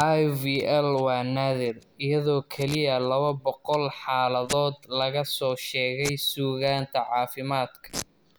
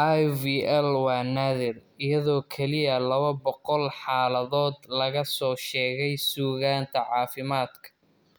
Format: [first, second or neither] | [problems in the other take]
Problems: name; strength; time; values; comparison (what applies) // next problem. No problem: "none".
second | background sound (Packing tape, duct tape); 18 dB below the speech